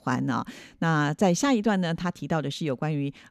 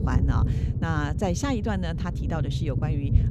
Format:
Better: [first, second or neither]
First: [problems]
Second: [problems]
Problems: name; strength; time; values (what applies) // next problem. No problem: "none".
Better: first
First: none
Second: low rumble; loud; throughout; 7 dB below the speech